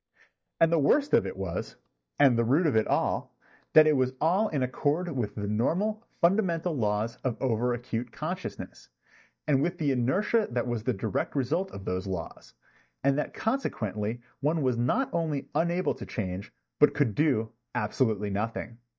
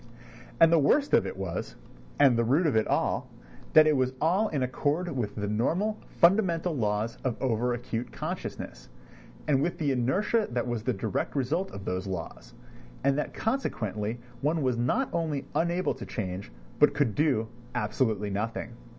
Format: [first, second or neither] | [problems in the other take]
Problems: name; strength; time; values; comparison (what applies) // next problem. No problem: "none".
second | noise reduction (neural mask model DeepFilterNet 3)